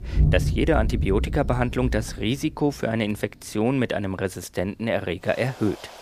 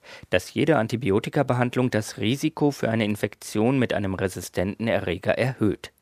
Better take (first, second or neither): second